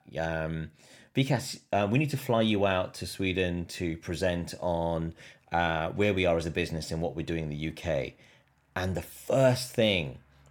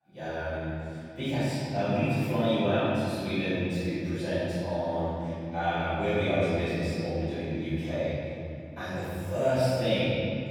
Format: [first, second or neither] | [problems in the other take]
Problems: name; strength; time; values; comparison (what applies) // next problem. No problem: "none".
first | off-mic speech; far // room echo; strong; dies away in 2.9 s